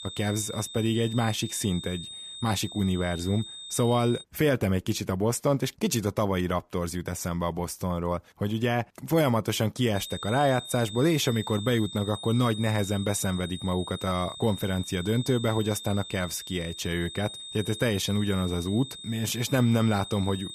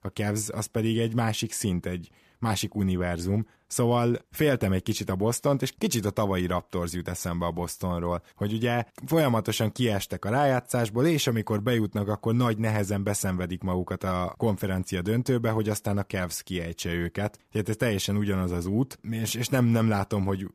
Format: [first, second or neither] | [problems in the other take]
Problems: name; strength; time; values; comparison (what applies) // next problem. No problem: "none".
second | high-pitched whine; noticeable; until 4 s and from 10 s on; 3.5 kHz, 10 dB below the speech